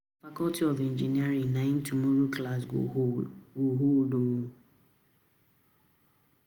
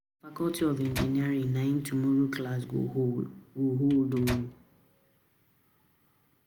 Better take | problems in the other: first | background sound (Microwave oven); 12 dB below the speech

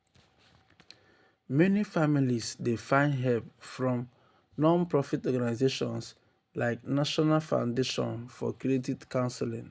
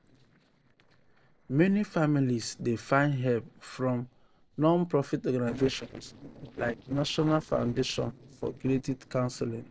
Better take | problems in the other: first | noise reduction (neural separator model SepFormer DNS4)

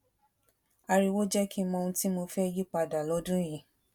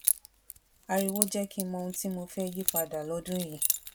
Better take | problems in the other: first | background sound (Keys jangling); as loud as the speech

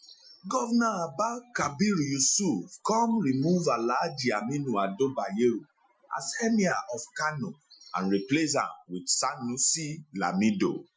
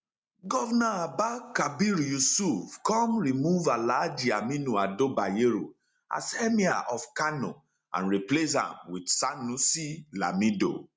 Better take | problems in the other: second | noise reduction (classical method Wiener filter)

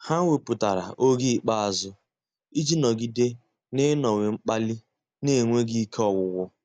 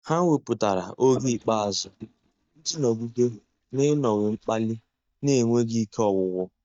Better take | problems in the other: first | noise reduction (neural mask model DeepFilterNet 3)

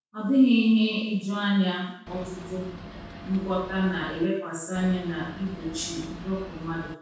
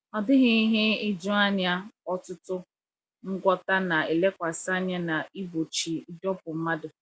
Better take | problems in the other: second | background sound (Boat, Water vehicle); 14 dB below the speech // room echo; dies away in 0.6 s

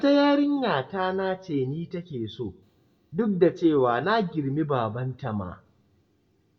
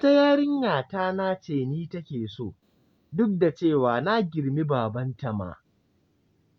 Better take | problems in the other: second | room echo; dies away in 0.3 s

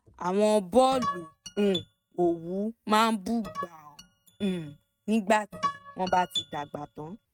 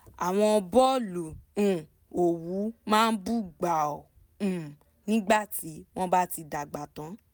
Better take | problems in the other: second | noise reduction (neural mask model RNNoise)

